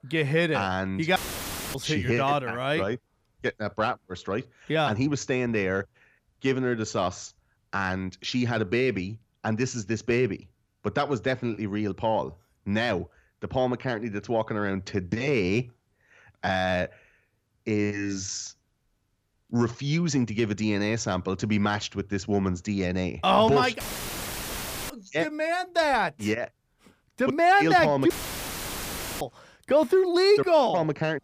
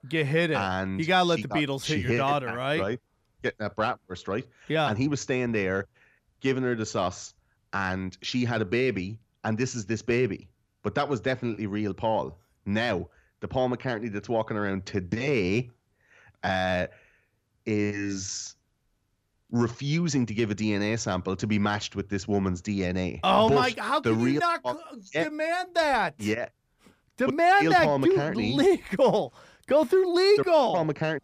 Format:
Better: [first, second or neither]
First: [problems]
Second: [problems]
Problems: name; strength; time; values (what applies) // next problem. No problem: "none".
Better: second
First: audio cutting out; filled with static; at 1 s for 0.5 s, at 24 s for 1 s and at 28 s for 1 s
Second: none